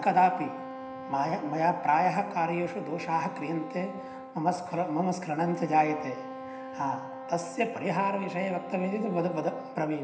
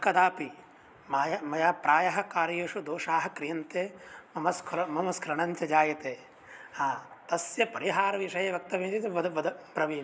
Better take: second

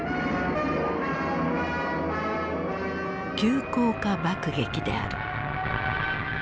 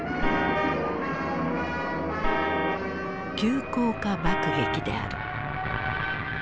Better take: first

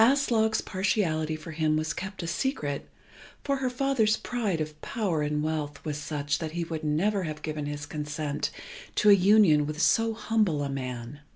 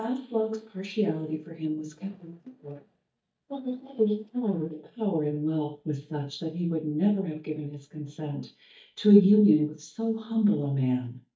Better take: first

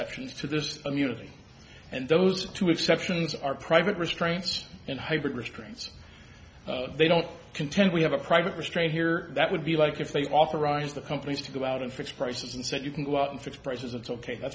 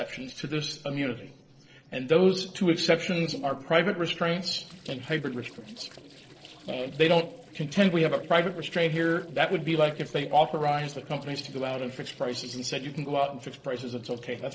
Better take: first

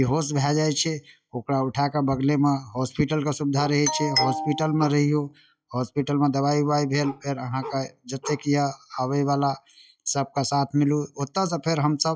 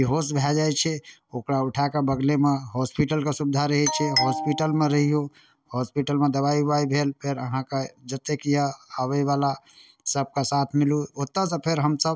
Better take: second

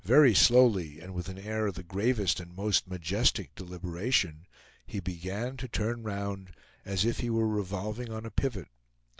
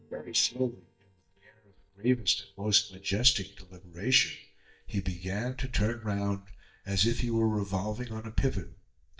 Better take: first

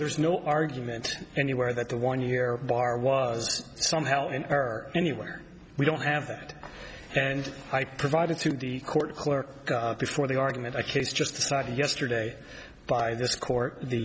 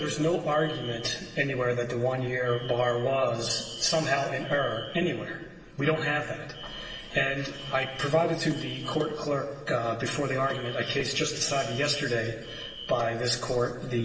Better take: first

